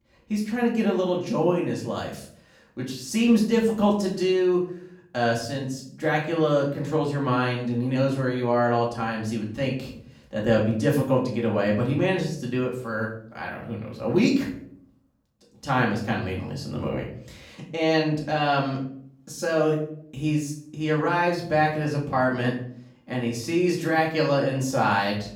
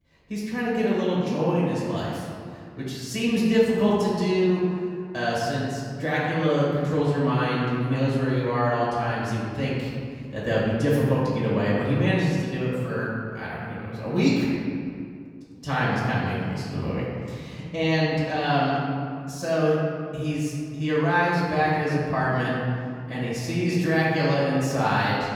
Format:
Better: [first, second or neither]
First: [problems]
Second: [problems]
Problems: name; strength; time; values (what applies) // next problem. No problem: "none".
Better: first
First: room echo; slight; dies away in 0.5 s // off-mic speech; far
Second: room echo; strong; dies away in 2.1 s // off-mic speech; far